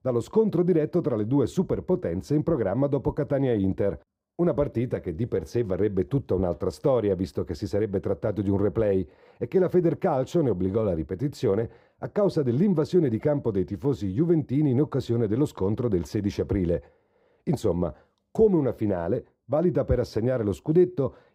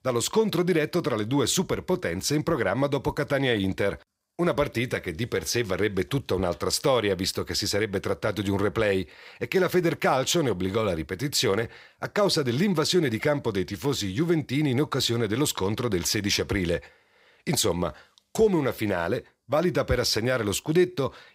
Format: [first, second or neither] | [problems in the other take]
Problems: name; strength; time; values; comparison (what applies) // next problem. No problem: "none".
second | muffled; very; fading above 1 kHz